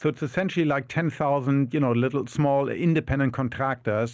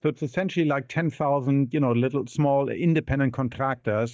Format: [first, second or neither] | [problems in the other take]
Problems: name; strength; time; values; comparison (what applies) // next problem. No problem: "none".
first | noise reduction (neural mask model DeepFilterNet 3)